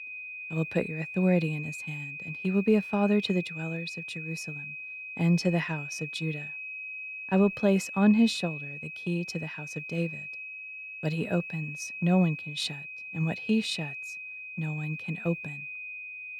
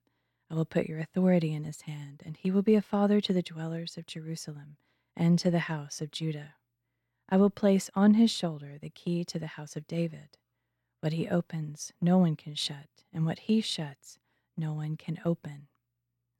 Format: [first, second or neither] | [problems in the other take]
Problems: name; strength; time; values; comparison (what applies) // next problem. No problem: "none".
second | high-pitched whine; loud; throughout; 2.5 kHz, 8 dB below the speech